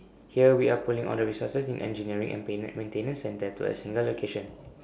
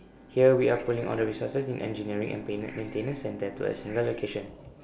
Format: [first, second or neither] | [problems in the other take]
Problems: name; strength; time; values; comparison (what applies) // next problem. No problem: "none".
first | background sound (Meow / Purr + Bowed string instrument); 18 dB below the speech